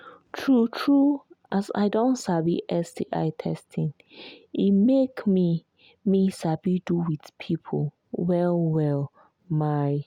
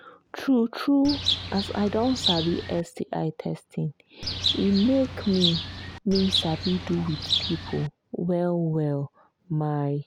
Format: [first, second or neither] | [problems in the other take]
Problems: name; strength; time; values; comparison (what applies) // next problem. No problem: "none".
first | background sound (Bird); 4 dB below the speech